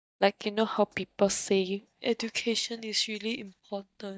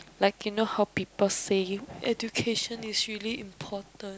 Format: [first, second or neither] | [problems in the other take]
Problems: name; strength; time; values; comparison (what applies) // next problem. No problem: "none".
second | noise reduction (neural mask model DeepFilterNet 3)